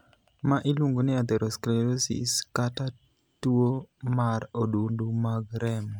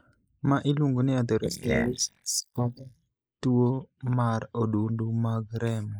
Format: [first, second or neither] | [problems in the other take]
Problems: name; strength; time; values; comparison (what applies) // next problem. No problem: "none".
first | noise reduction (neural mask model Resemble Enhance denoiser)